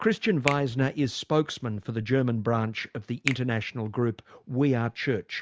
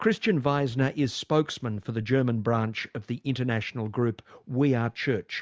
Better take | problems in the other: second | background sound (Finger snapping); 13 dB below the speech

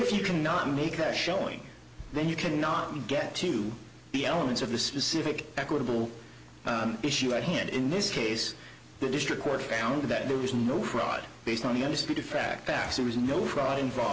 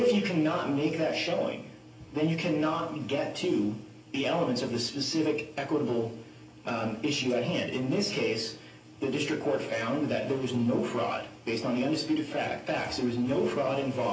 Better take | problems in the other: first | room echo; dies away in 0.3 s

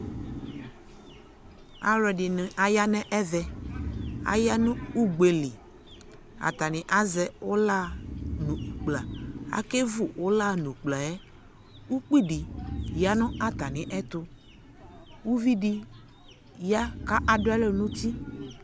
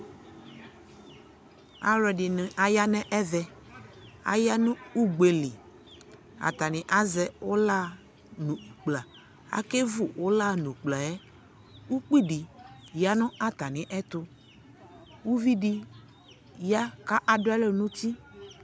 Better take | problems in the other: second | background sound (Breathing); 11 dB below the speech

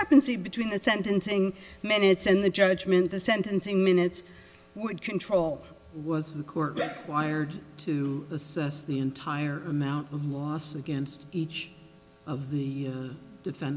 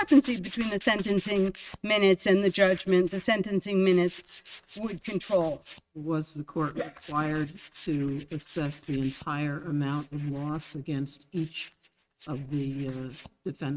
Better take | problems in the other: first | noise reduction (neural mask model RNNoise)

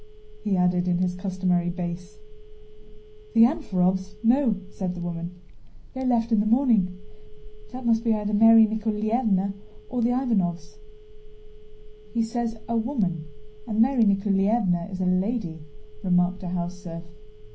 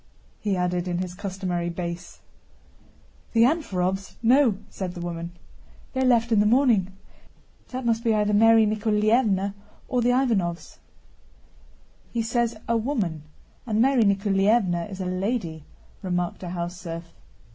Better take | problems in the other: second | background sound (Telephone); 14 dB below the speech // room echo; dies away in 0.5 s

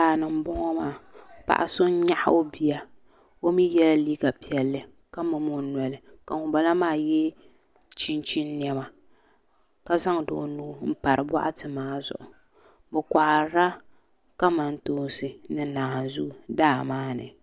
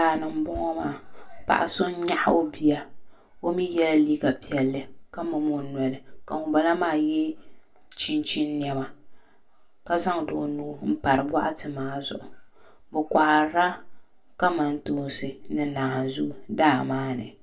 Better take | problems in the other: first | room echo; dies away in 0.2 s

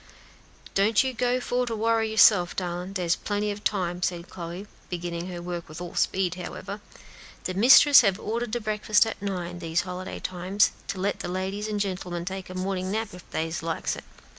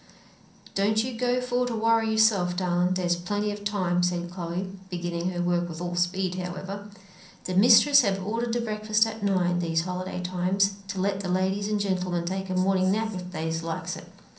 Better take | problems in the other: first | room echo; dies away in 0.6 s

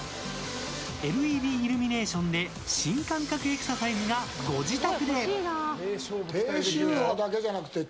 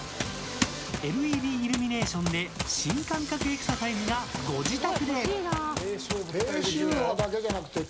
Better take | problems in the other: first | background sound (Run); 6 dB below the speech

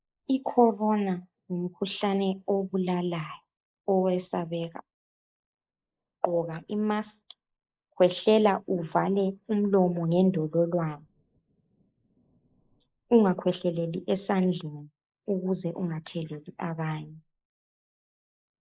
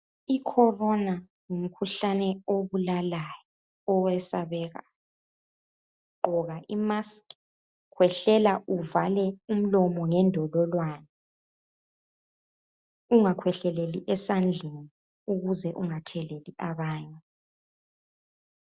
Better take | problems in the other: second | noise reduction (neural mask model Resemble Enhance denoiser)

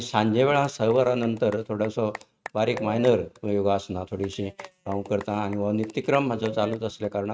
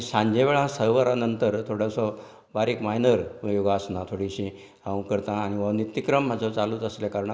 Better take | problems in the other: second | noise reduction (neural mask model RNNoise)

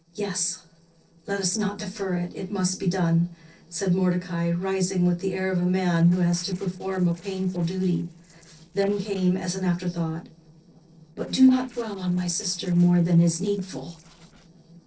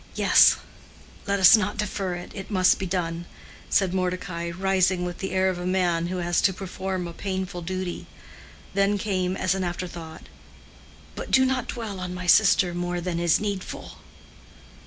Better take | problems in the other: second | noise reduction (neural separator model SepFormer DNS4)

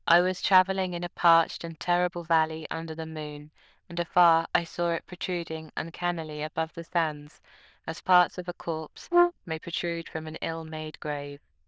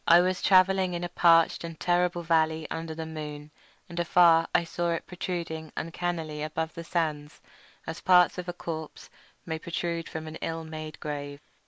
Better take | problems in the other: second | noise reduction (neural diffusion model UNIVERSE++)

